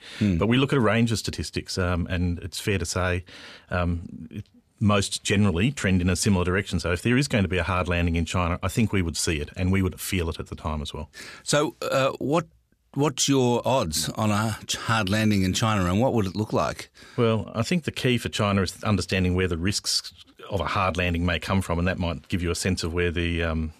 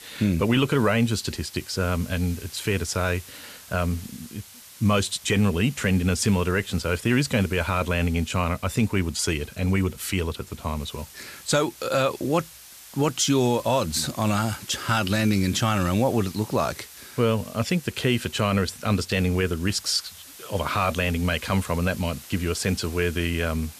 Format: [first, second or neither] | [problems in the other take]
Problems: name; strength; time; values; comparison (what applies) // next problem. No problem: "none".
first | hiss; noticeable; throughout; 20 dB below the speech